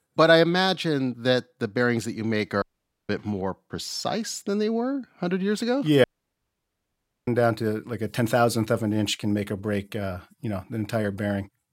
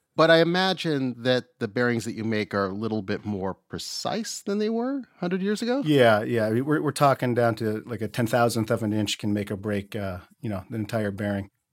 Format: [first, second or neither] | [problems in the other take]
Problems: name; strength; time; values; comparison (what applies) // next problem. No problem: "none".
second | audio cutting out; at 2.5 s and at 6 s for 1 s